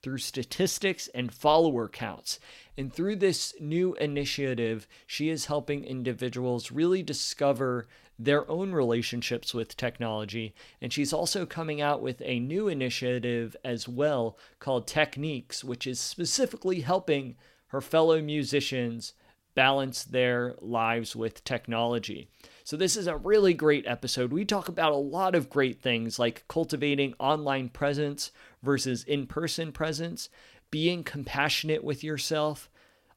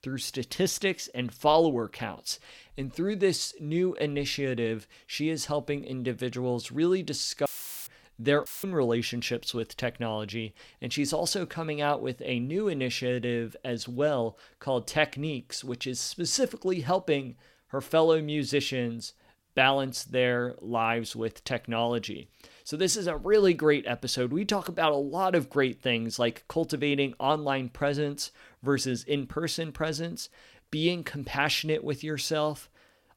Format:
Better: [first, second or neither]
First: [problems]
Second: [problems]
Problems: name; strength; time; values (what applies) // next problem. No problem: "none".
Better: first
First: none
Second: audio cutting out; filled with static; at 7.5 s and at 8.5 s